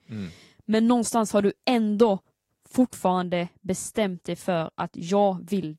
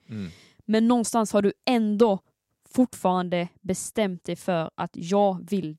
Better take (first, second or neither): second